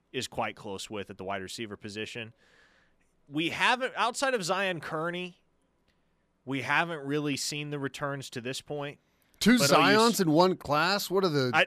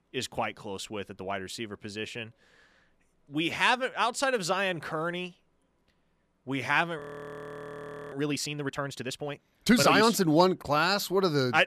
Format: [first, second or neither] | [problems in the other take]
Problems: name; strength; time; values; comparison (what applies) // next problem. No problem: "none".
first | audio freezing; at 7 s for 1 s